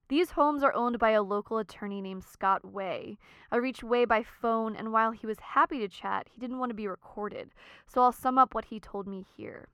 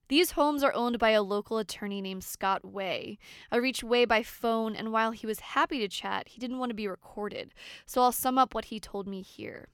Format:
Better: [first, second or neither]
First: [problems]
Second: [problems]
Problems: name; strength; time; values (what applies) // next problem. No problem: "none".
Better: second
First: muffled; very; fading above 2.5 kHz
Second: none